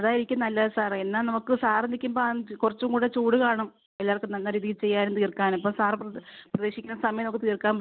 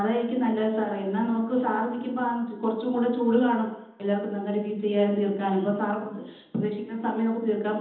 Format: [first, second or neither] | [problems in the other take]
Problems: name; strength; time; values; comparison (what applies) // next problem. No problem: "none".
first | room echo; dies away in 1.3 s